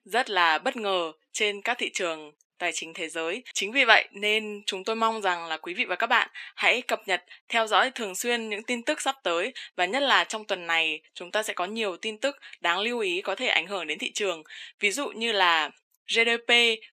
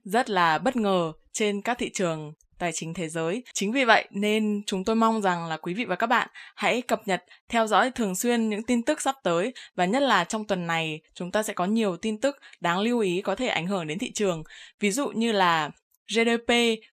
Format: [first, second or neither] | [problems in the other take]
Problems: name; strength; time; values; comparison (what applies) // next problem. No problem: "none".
second | thin; somewhat; fading below 300 Hz